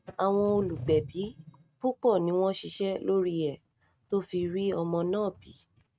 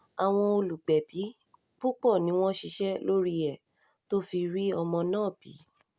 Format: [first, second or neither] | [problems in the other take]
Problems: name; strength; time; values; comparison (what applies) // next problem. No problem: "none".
second | noise reduction (neural mask model RNNoise)